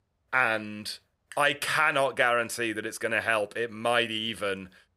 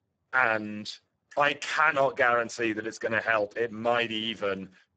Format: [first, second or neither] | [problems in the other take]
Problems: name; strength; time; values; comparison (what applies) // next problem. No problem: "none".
first | garbled, watery; badly; nothing above 7.5 kHz